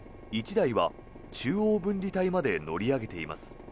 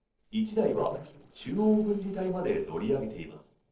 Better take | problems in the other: first | noise reduction (neural separator model SepFormer DNS4)

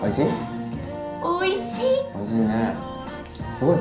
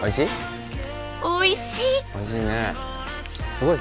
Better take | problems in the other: second | room echo; dies away in 0.6 s

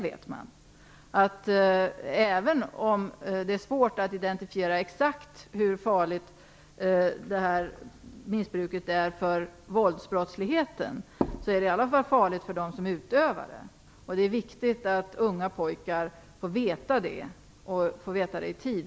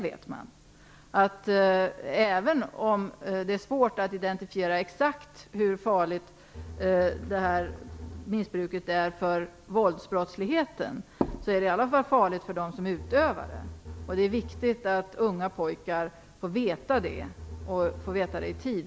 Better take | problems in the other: first | background sound (Bowed string instrument); 13 dB below the speech

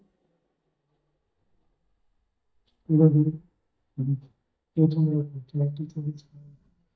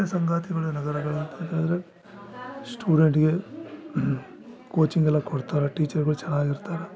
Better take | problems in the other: second | noise reduction (neural mask model DeepFilterNet 3)

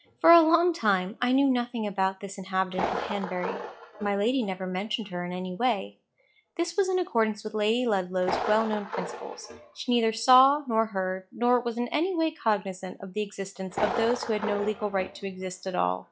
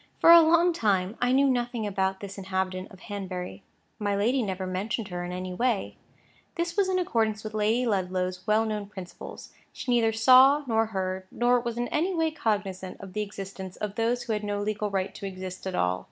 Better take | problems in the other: second | noise reduction (classical method log-MMSE)

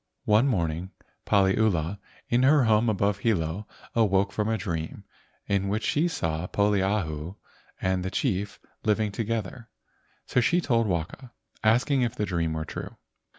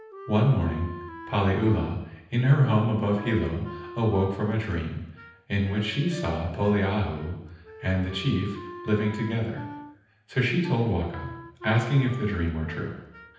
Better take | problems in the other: first | background sound (Wind instrument, woodwind instrument); 17 dB below the speech // room echo; dies away in 0.9 s

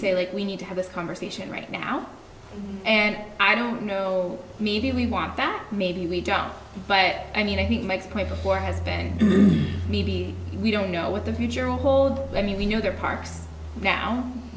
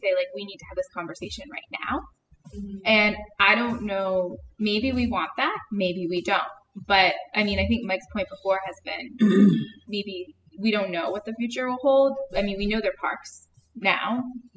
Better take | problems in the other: first | noise reduction (classical method spectral subtraction)

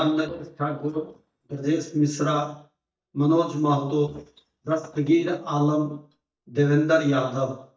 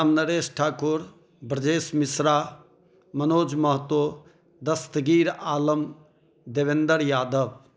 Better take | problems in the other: second | noise reduction (neural mask model DeepFilterNet 3)

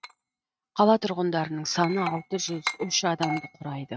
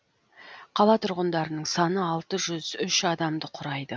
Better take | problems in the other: second | noise reduction (neural mask model RNNoise)

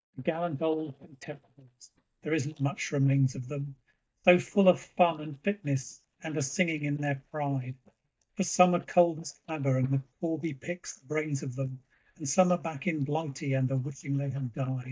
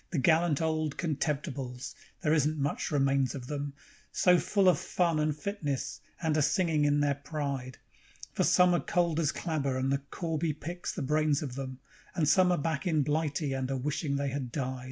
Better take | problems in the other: second | noise reduction (neural mask model DeepFilterNet 3)

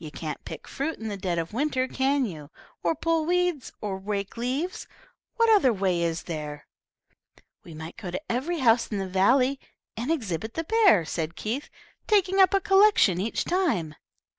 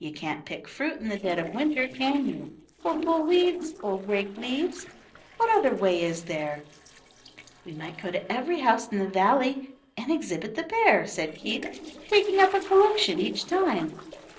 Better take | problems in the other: first | noise reduction (neural separator model SepFormer DNS4)

